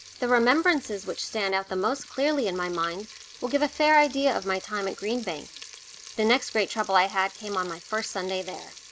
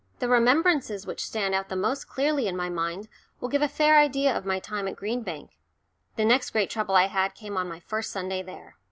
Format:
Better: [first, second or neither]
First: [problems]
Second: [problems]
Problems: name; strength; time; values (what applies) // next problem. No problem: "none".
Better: second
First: background sound (Frying (food)); 18 dB below the speech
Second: none